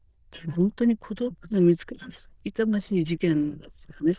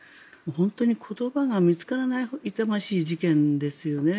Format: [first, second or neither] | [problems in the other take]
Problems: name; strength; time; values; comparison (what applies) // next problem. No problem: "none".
second | noise reduction (neural diffusion model UNIVERSE++)